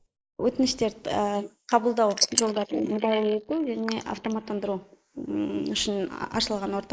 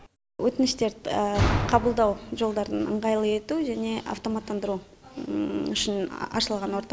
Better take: second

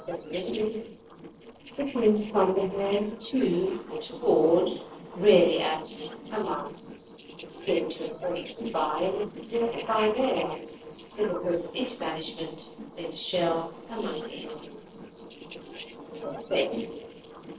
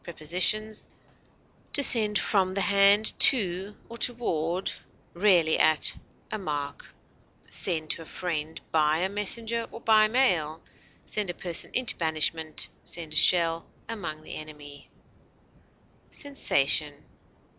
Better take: second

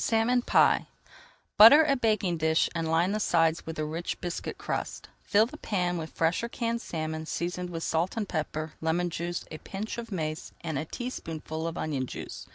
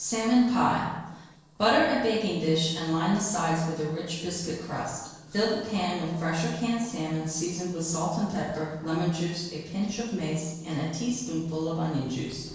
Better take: first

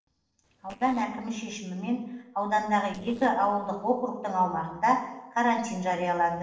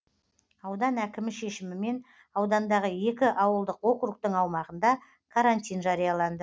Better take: second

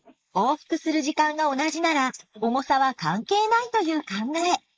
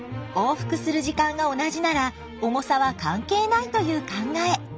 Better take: second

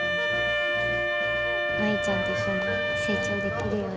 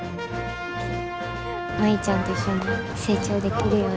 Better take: second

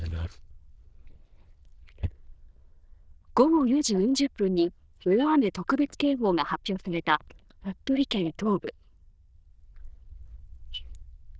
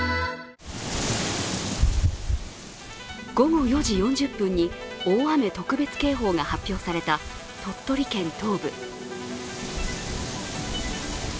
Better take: second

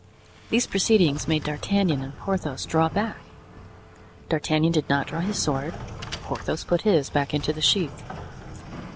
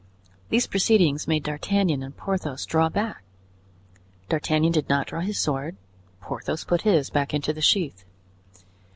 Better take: second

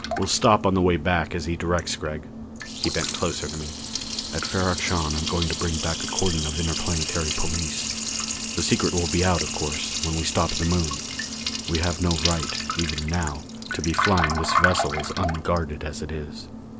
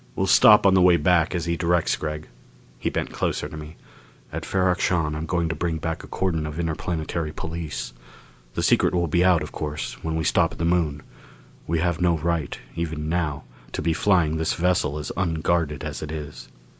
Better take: second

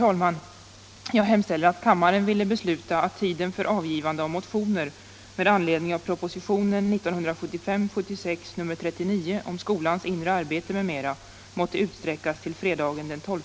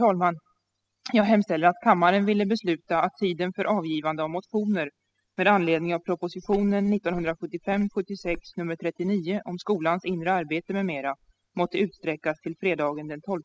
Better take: first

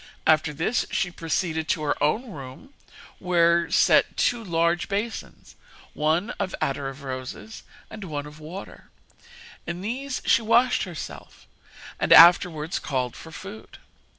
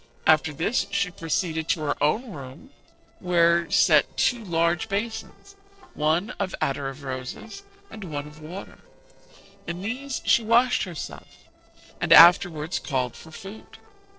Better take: first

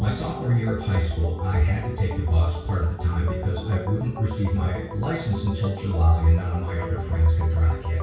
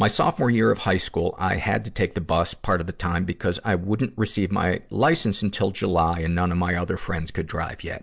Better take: second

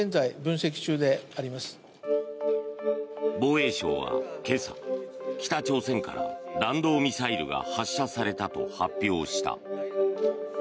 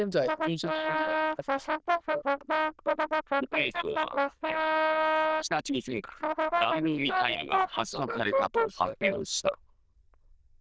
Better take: first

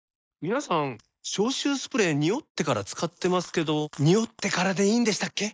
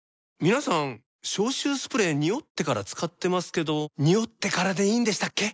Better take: second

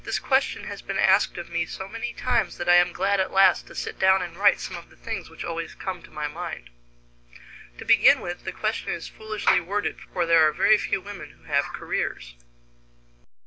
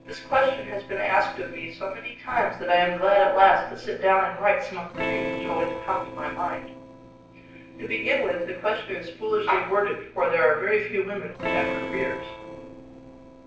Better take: first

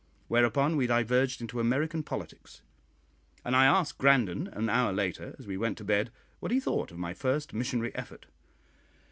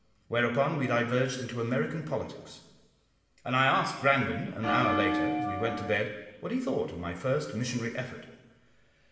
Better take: first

